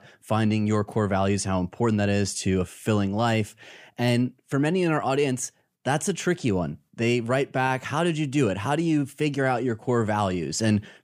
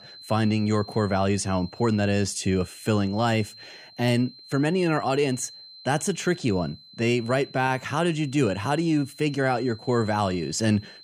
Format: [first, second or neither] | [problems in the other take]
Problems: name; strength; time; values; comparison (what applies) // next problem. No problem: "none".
first | high-pitched whine; noticeable; throughout; 4 kHz, 20 dB below the speech